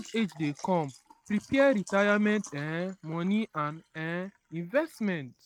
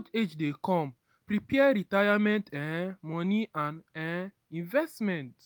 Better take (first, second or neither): second